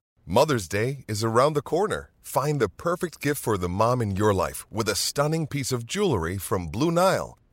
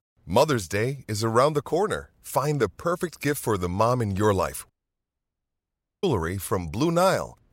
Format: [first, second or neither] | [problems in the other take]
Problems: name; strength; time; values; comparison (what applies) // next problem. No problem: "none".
first | audio cutting out; at 4.5 s for 1.5 s